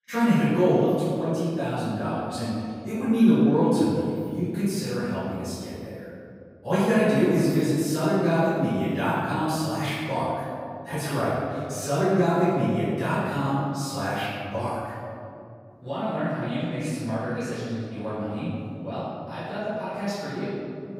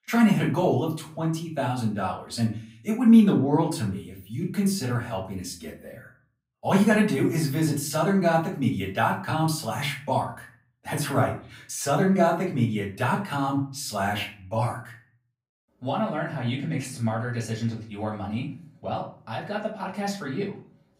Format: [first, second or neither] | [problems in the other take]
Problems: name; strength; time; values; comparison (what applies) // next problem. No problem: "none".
second | room echo; strong; dies away in 2.5 s; slight in the second // off-mic speech; far; far in the second